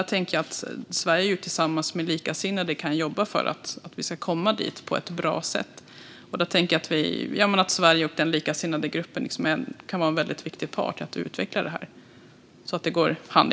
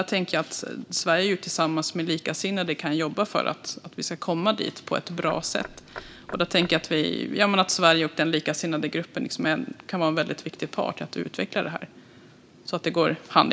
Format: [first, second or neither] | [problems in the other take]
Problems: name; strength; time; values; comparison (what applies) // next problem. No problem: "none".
first | background sound (Knock / Wood); 18 dB below the speech